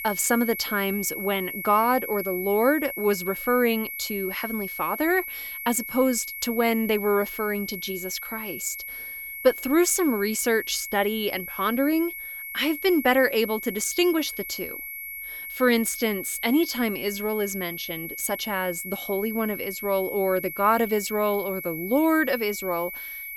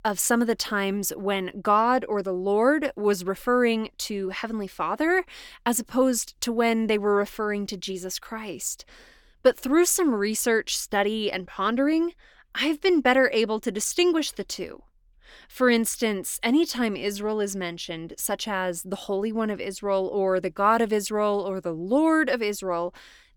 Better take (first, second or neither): second